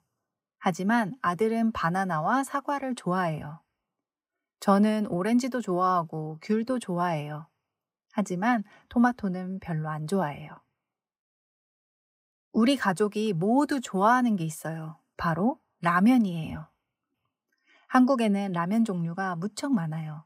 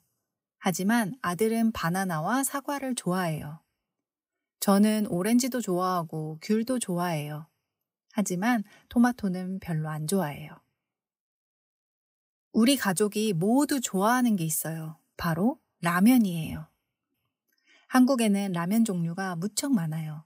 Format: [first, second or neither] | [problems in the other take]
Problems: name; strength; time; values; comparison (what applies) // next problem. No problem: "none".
second | muffled; slightly; fading above 1.5 kHz